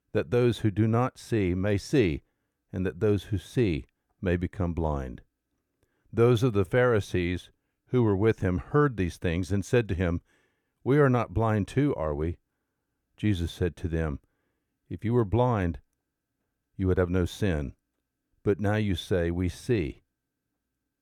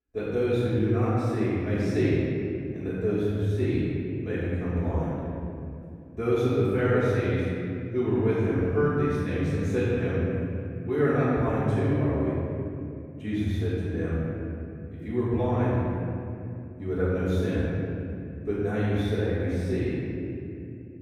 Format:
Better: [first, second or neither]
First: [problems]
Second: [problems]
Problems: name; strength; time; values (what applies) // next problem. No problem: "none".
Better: first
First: none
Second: off-mic speech; far // room echo; strong; dies away in 2.9 s